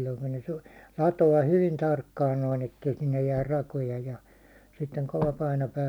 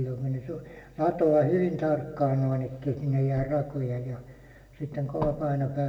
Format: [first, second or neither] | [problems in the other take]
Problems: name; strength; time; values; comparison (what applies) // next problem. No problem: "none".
first | room echo; dies away in 1.5 s